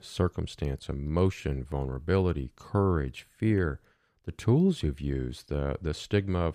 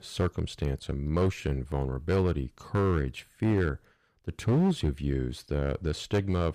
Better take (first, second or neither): first